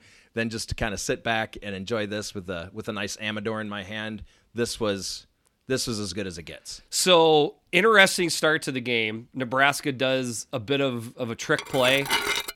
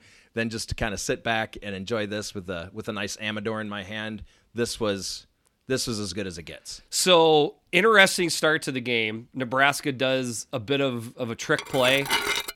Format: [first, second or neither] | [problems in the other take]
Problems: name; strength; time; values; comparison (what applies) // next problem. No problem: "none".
neither | clattering dishes; loud; at 12 s; peak 1 dB above the speech; the same in both